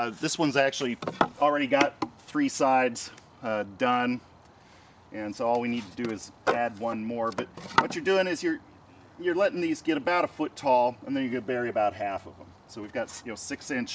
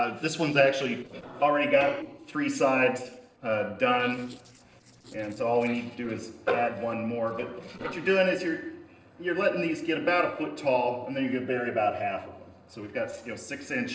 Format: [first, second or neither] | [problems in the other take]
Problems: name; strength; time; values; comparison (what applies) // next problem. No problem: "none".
first | noise reduction (neural separator model SepFormer DNS4)